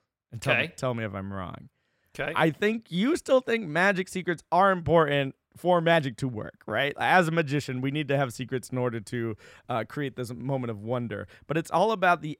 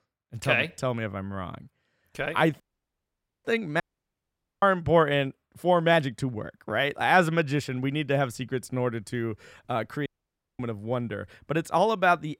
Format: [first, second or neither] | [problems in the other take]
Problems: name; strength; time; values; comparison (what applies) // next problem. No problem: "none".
first | audio cutting out; at 2.5 s for 1 s, at 4 s for 1 s and at 10 s for 0.5 s